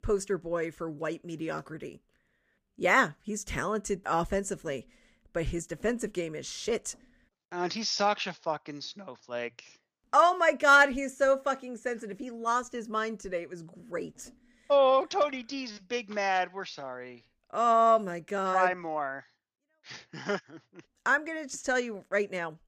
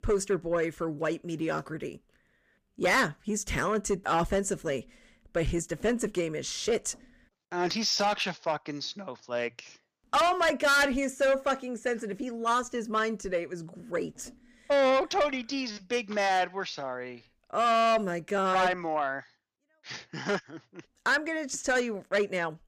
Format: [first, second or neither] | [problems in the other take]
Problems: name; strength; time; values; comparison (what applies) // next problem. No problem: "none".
first | distortion; heavy; 7 dB below the speech